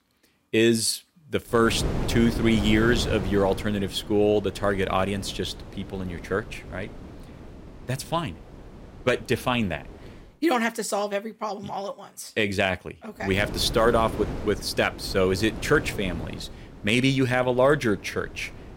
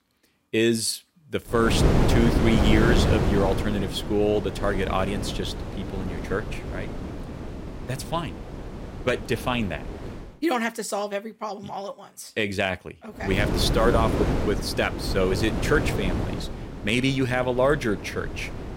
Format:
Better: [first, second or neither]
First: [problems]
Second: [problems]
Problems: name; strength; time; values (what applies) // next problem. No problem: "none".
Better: first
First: wind noise on the microphone; occasional gusts; from 1.5 to 10 s and from 13 s on; 15 dB below the speech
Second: wind noise on the microphone; heavy; from 1.5 to 10 s and from 13 s on; 6 dB below the speech